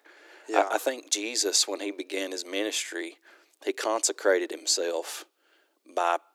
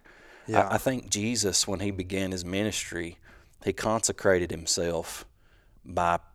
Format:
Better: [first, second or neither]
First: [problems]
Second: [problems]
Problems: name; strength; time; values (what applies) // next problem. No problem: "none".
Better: second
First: thin; somewhat; fading below 300 Hz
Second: none